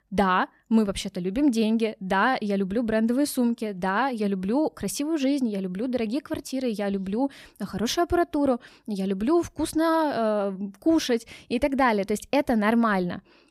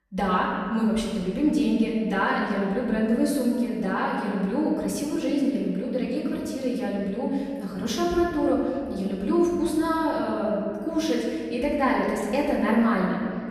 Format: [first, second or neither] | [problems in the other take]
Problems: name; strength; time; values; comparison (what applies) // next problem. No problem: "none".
first | room echo; noticeable; dies away in 2.3 s // off-mic speech; far